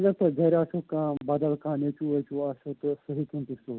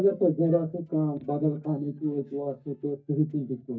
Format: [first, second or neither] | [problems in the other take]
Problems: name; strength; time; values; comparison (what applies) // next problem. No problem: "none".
first | noise reduction (neural mask model DeepFilterNet 3)